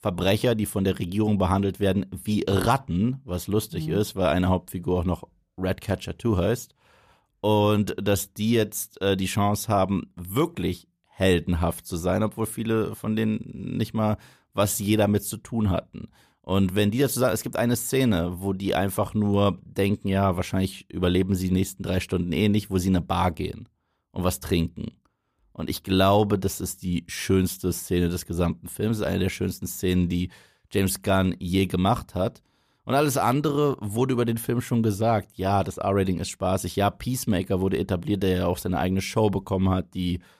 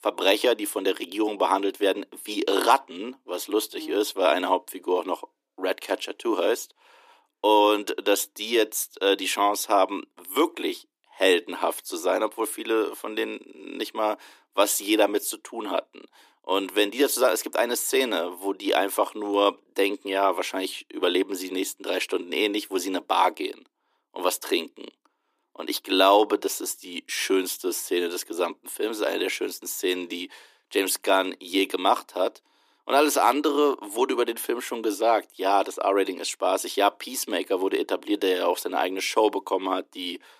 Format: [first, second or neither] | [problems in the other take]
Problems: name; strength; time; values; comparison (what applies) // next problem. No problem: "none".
first | thin; somewhat; fading below 300 Hz